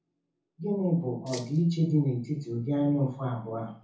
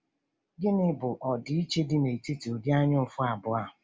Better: second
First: background sound (Rattle (instrument)); 17 dB below the speech // room echo; dies away in 0.5 s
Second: none

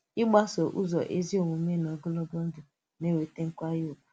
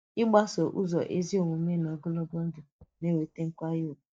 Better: first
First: none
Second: noise reduction (neural mask model DeepFilterNet 3)

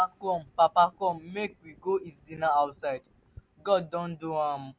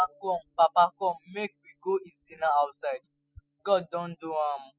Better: first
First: none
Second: noise reduction (classical method spectral subtraction)

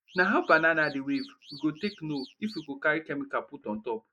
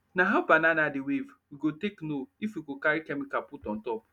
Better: second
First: noise reduction (neural mask model Resemble Enhance denoiser)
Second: none

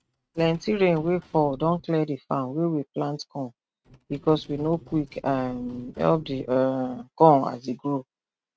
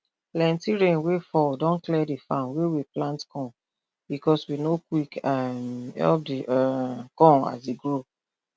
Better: second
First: noise reduction (neural mask model RNNoise)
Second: none

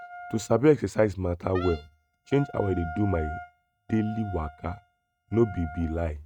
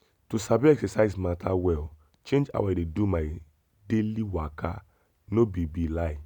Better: second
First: noise reduction (neural mask model RNNoise)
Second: none

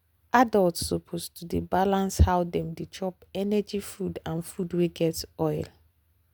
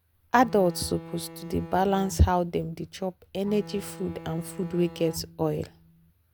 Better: first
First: none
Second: background sound (Bowed string instrument); 16 dB below the speech

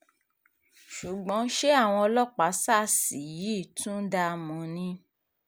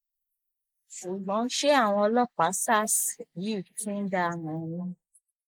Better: first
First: none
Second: noise reduction (neural mask model Resemble Enhance denoiser)

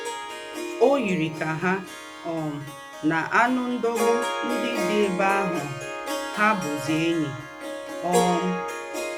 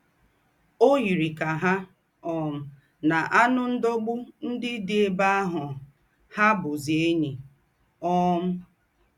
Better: second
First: background sound (Harp); 4 dB below the speech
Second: none

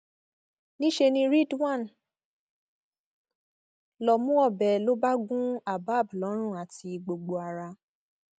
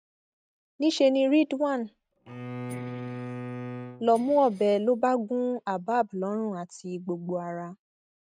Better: first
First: none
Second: noise reduction (neural mask model RNNoise)

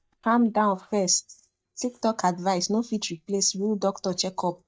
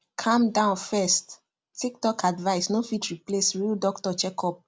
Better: second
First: noise reduction (neural mask model DeepFilterNet 3)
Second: none

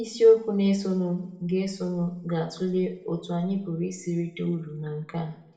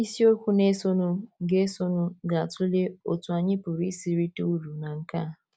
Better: second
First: room echo; dies away in 0.6 s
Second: none

